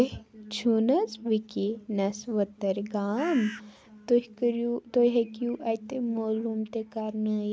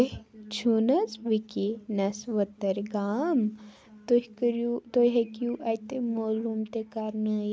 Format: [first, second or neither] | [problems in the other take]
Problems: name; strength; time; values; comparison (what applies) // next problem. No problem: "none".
second | background sound (Bird); 12 dB below the speech